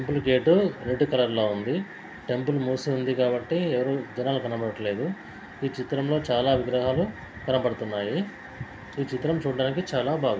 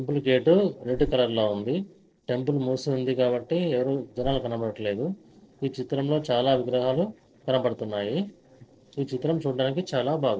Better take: first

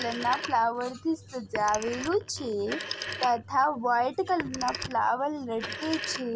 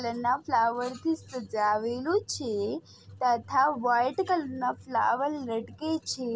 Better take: second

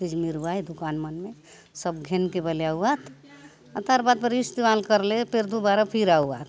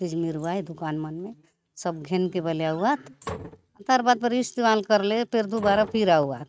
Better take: first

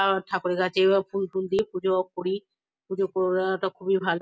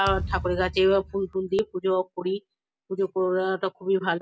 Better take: first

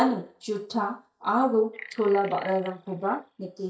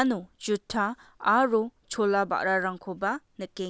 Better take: second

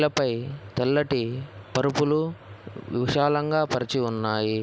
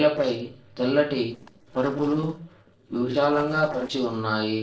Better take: first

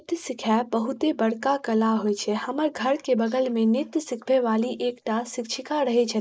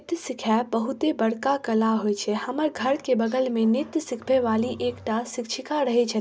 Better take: second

